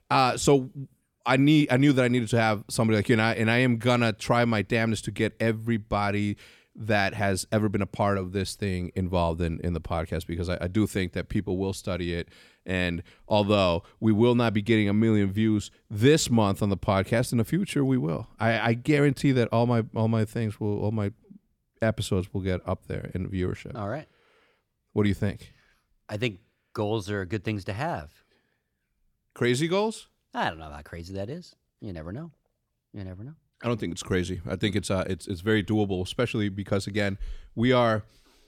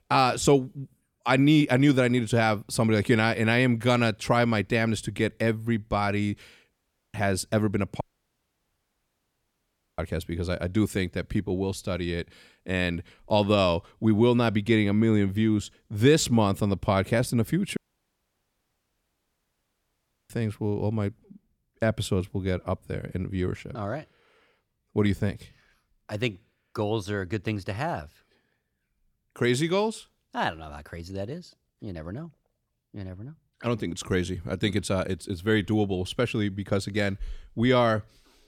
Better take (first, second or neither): first